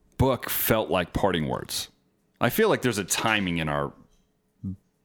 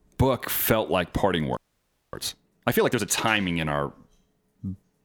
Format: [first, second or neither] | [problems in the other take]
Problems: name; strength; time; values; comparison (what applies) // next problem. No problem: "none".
first | audio freezing; at 1.5 s for 0.5 s